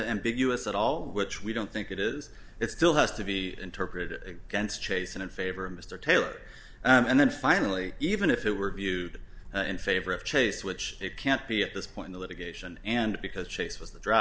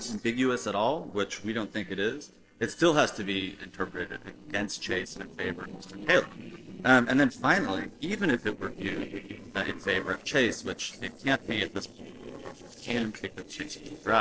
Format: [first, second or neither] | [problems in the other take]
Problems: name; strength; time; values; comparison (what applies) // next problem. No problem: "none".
first | noise reduction (neural separator model SepFormer DNS4)